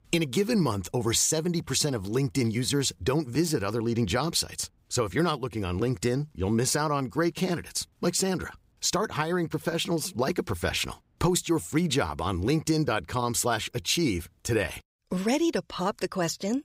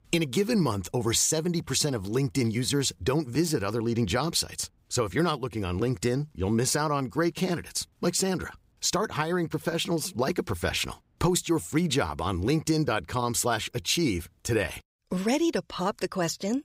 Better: neither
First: none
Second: none

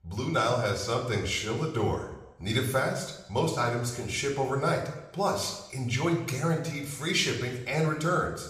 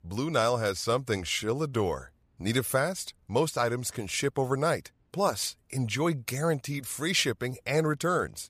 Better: second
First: room echo; noticeable; dies away in 0.8 s // off-mic speech; somewhat distant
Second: none

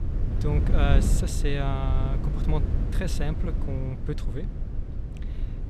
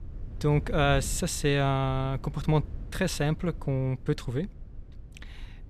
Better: second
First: low rumble; loud; throughout; 6 dB below the speech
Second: low rumble; faint; throughout; 25 dB below the speech

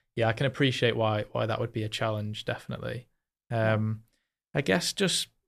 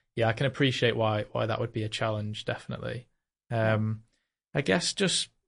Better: first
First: none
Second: garbled, watery; slightly; nothing above 10 kHz

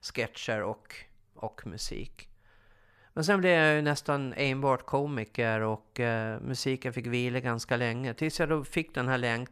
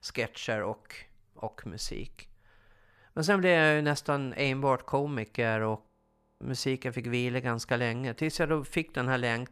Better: first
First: none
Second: audio freezing; at 6 s for 0.5 s

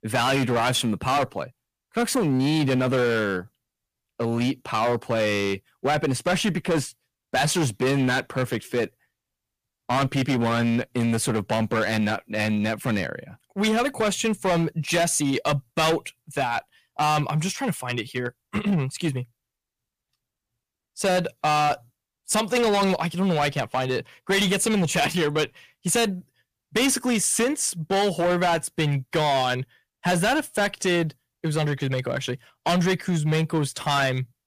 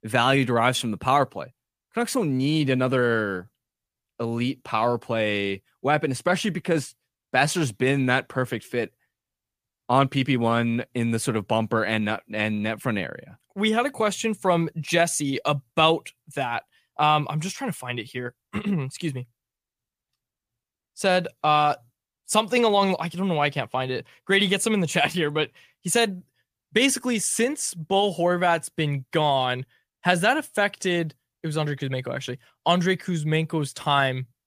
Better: second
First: distortion; heavy; 12% of the sound clipped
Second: none

